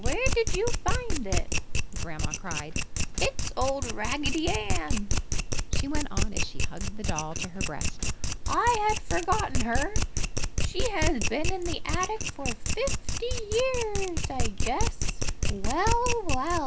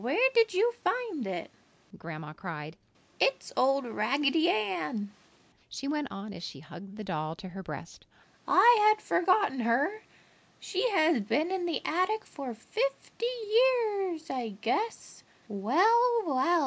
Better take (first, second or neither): second